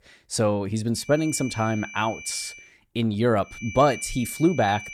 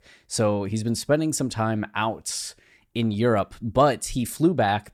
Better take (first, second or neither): second